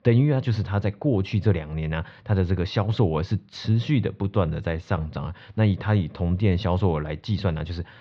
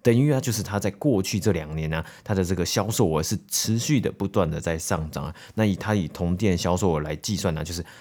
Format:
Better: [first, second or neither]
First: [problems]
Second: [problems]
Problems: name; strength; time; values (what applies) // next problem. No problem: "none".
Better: second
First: muffled; slightly; fading above 4 kHz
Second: none